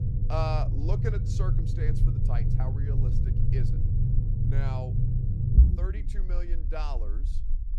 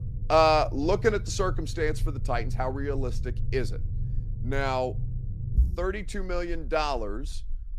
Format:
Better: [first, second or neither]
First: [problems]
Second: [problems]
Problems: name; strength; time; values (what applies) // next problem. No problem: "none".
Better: second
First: low rumble; loud; throughout; 2 dB below the speech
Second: low rumble; faint; throughout; 20 dB below the speech